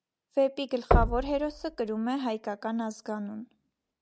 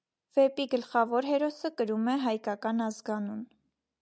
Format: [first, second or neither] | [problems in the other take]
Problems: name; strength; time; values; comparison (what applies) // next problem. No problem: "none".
second | background sound (Knock); 1 dB below the speech